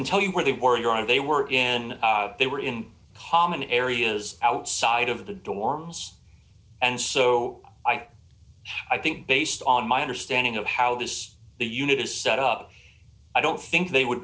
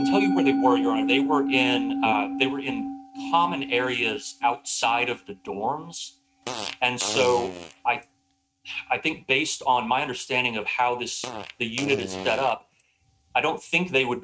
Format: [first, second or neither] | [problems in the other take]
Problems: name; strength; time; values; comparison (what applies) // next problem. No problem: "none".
first | noise reduction (neural mask model RNNoise)